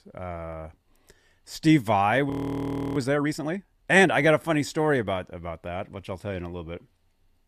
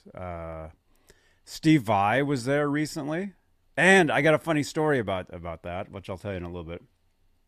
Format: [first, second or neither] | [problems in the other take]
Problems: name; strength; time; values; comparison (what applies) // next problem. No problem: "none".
second | audio freezing; at 2.5 s for 0.5 s